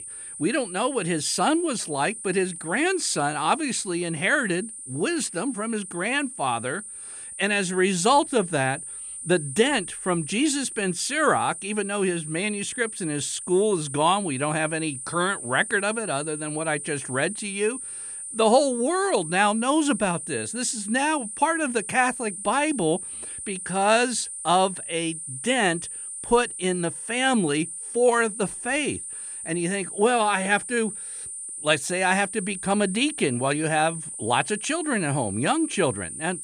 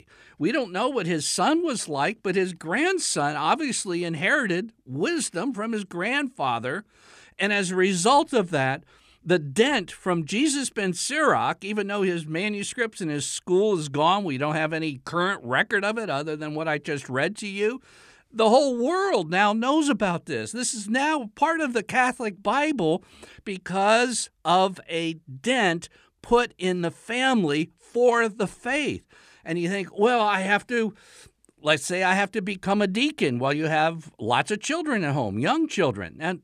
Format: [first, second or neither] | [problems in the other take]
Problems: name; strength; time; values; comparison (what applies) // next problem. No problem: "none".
second | high-pitched whine; loud; throughout; 9 kHz, 9 dB below the speech